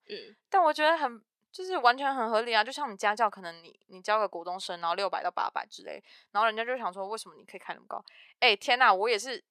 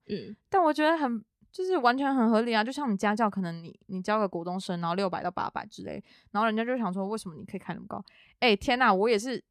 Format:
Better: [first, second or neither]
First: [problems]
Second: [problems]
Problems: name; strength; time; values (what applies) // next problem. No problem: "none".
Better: second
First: thin; very; fading below 650 Hz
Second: none